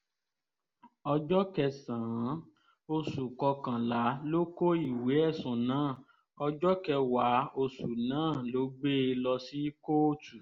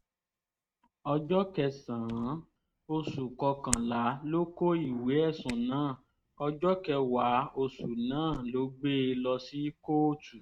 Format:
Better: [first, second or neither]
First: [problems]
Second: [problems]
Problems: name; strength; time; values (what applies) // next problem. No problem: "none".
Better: first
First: none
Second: noise reduction (neural mask model RNNoise)